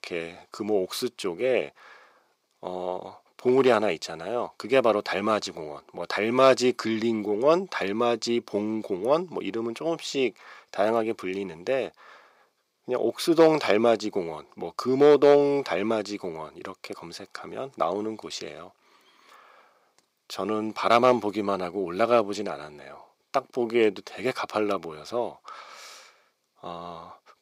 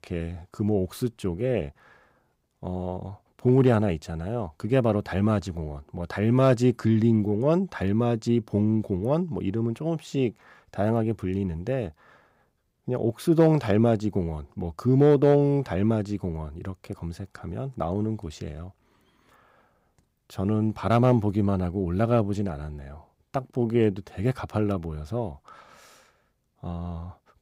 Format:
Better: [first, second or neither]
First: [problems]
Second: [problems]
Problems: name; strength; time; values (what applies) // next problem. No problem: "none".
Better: second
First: thin; somewhat; fading below 450 Hz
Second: none